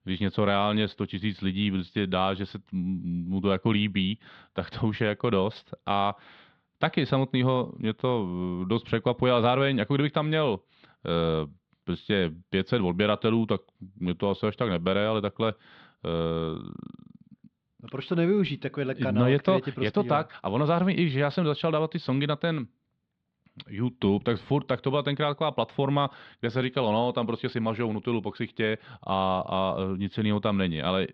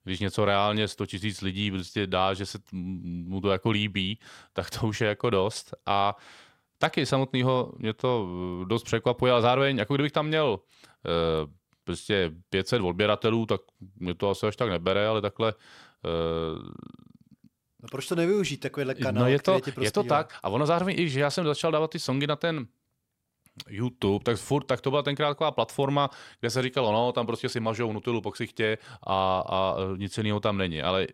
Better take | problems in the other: second | muffled; slightly; fading above 4 kHz

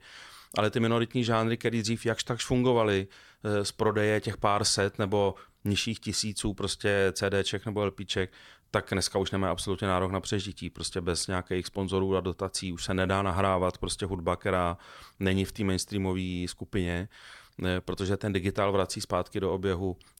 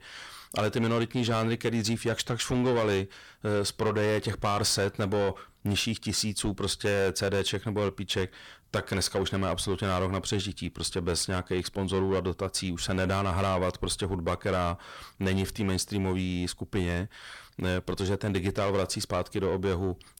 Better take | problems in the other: first | distortion; slight; 10 dB below the speech

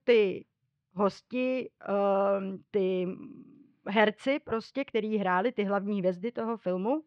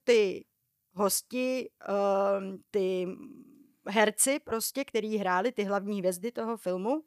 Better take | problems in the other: second | muffled; very; fading above 3.5 kHz

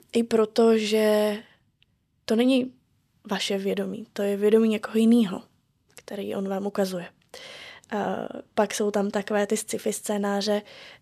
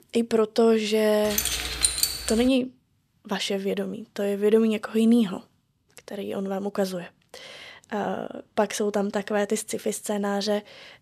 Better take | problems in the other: first | jangling keys; loud; from 1.5 to 2.5 s; peak 4 dB above the speech

